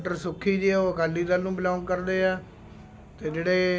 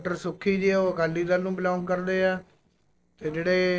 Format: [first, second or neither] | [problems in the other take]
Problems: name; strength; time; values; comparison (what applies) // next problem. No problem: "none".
first | noise reduction (neural separator model SepFormer DNS4)